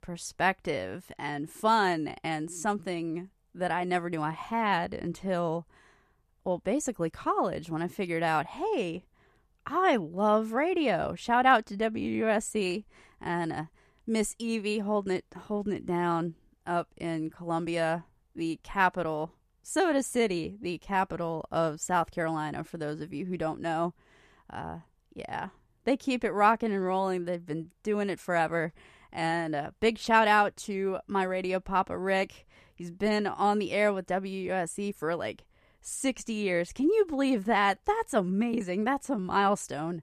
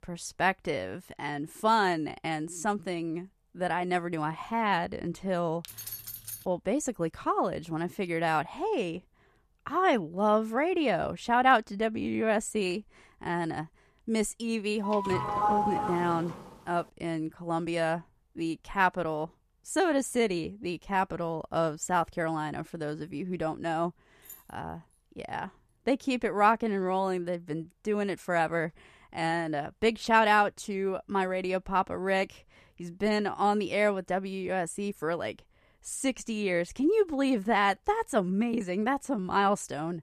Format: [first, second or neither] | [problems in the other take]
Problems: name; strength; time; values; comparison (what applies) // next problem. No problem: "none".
first | jangling keys; noticeable; at 5.5 s; peak 8 dB below the speech // doorbell; loud; from 15 to 16 s; peak 3 dB above the speech // jangling keys; faint; at 24 s; peak 20 dB below the speech